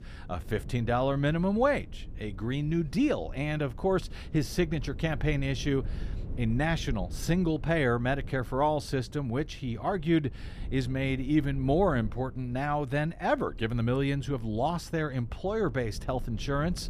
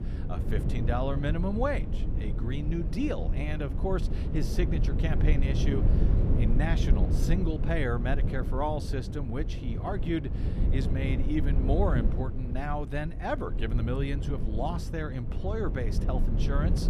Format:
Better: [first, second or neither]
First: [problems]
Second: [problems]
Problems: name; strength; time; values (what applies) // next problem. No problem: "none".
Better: first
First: low rumble; faint; throughout; 25 dB below the speech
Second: low rumble; loud; throughout; 7 dB below the speech